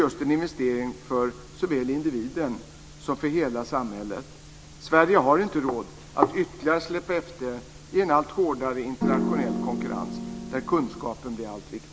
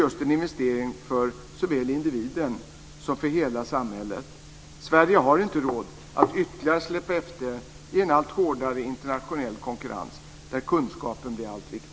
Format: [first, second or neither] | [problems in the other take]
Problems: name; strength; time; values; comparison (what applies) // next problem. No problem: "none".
second | background sound (Piano); 2 dB below the speech